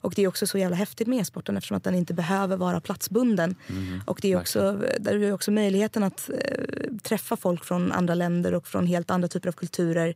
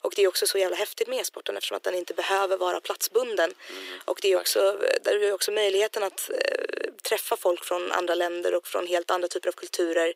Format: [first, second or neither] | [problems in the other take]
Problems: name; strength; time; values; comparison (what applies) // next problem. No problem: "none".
first | thin; very; fading below 350 Hz